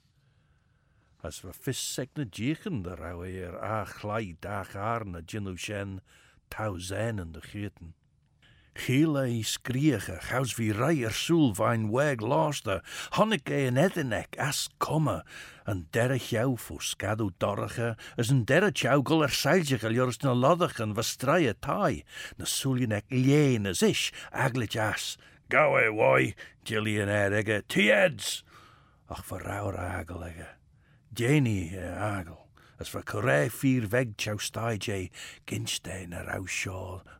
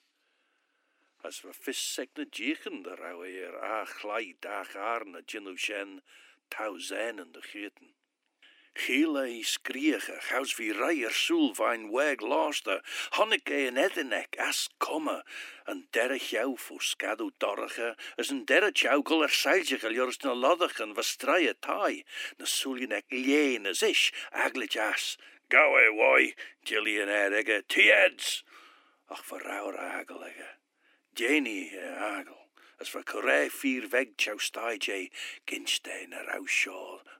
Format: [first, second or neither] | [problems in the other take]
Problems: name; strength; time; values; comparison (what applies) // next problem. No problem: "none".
first | thin; somewhat; fading below 300 Hz